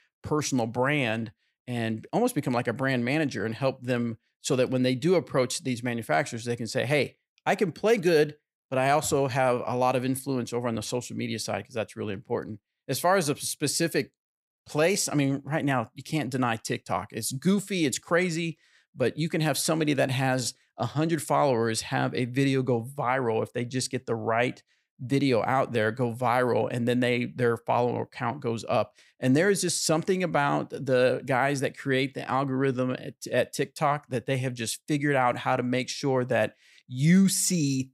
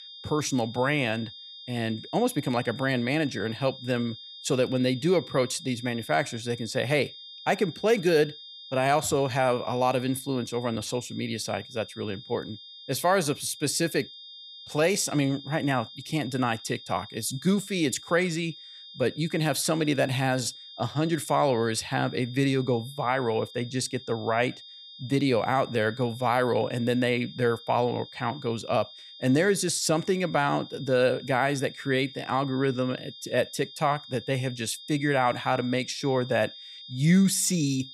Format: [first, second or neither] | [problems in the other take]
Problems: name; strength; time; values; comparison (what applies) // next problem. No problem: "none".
first | high-pitched whine; noticeable; throughout; 3.5 kHz, 15 dB below the speech